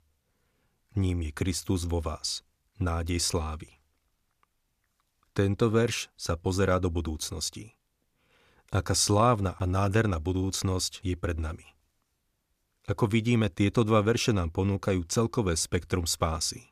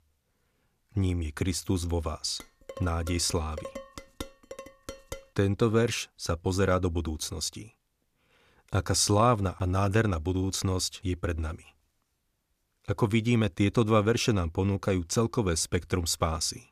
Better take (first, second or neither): first